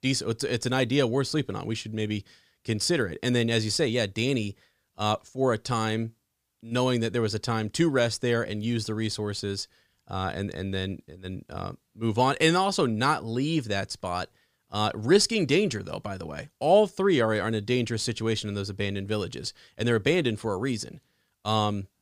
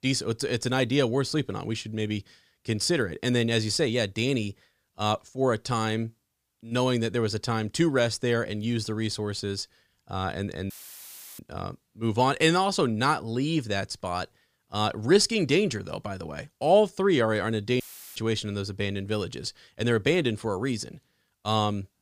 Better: first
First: none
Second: audio cutting out; filled with static; at 11 s for 0.5 s and at 18 s

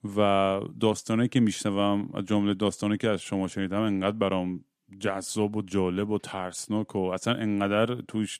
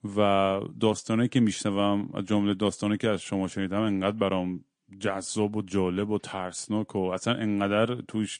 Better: first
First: none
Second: garbled, watery; slightly; nothing above 9.5 kHz

